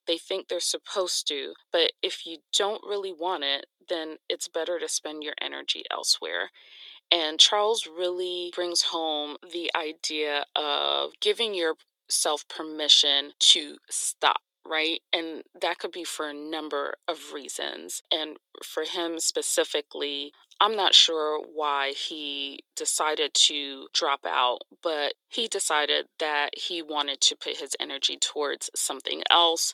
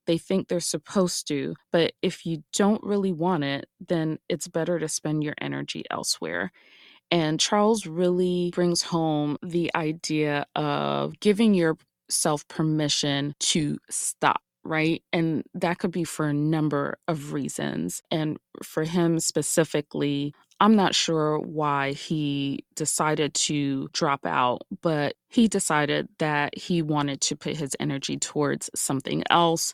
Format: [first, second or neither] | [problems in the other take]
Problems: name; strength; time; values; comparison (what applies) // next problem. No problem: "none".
second | thin; very; fading below 400 Hz